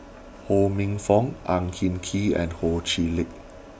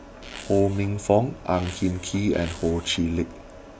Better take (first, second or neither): first